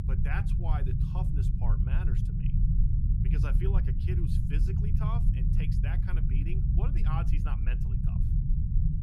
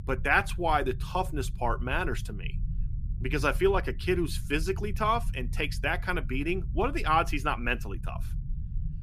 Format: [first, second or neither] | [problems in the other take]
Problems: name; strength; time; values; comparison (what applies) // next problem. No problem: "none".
second | low rumble; loud; throughout; as loud as the speech; faint in the second